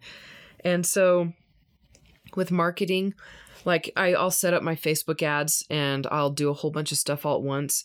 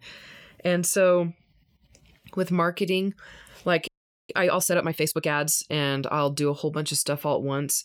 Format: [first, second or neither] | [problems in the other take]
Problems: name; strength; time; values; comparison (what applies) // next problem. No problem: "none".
first | audio freezing; at 4 s